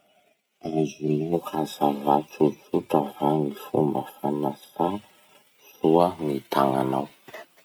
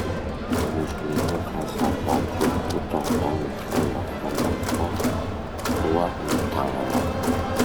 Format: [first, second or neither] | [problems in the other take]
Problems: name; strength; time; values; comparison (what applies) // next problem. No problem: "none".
first | background sound (Crowd); 5 dB above the speech